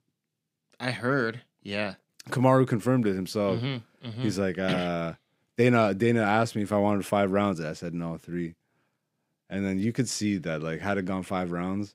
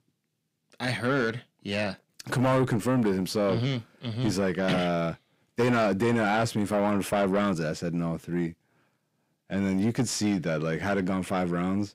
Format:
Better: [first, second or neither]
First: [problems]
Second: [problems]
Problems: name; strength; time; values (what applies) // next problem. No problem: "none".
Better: first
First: none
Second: distortion; heavy; 7 dB below the speech